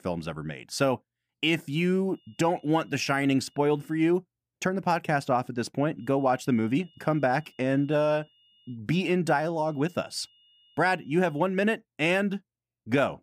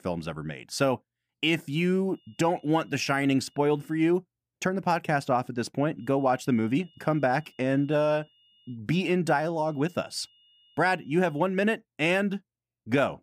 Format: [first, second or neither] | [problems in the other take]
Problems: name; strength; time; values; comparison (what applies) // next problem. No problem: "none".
neither | high-pitched whine; faint; from 2 to 4 s, from 6 to 8.5 s and from 9.5 to 11 s; 3 kHz, 35 dB below the speech; the same in both